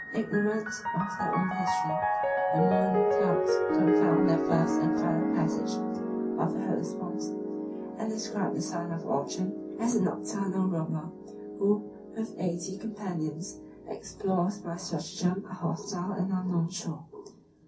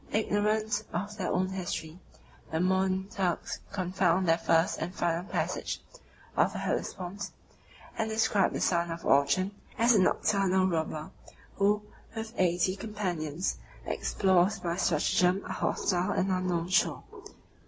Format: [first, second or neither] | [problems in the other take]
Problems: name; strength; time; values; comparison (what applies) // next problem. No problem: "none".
second | background sound (Piano); as loud as the speech // room echo; dies away in 0.3 s